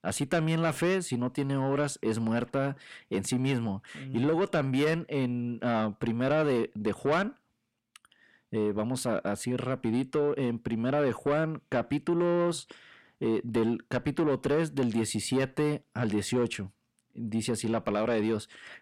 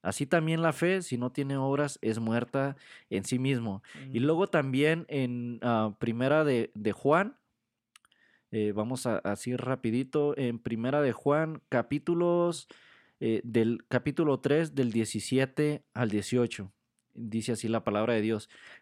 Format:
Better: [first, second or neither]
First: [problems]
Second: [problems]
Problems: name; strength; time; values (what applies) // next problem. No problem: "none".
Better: second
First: distortion; slight; 10 dB below the speech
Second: none